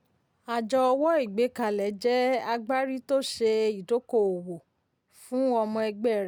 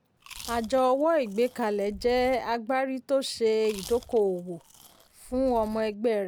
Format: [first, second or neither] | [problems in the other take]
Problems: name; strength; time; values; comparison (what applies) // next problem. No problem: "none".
first | background sound (Chewing, mastication); 19 dB below the speech